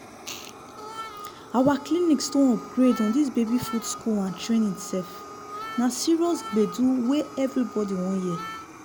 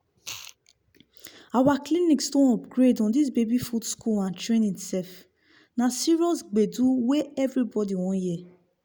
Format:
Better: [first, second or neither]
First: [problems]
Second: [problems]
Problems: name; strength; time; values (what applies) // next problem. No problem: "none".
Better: second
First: background sound (Harmonica + Fire); 14 dB below the speech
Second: none